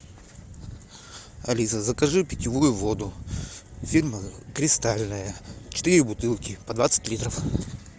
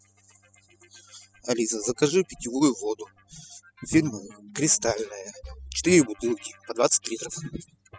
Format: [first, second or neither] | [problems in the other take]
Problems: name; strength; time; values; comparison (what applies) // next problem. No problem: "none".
first | noise reduction (classical method spectral subtraction)